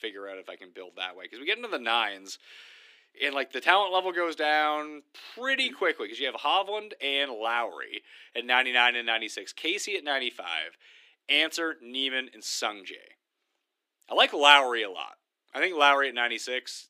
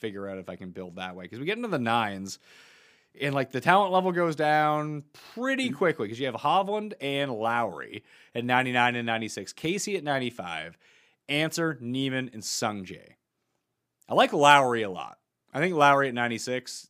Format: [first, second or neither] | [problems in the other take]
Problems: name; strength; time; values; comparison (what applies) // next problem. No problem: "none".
second | thin; somewhat; fading below 300 Hz